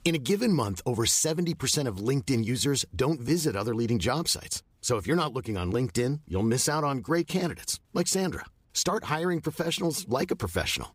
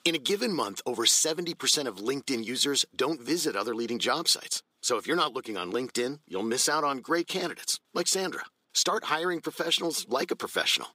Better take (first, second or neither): first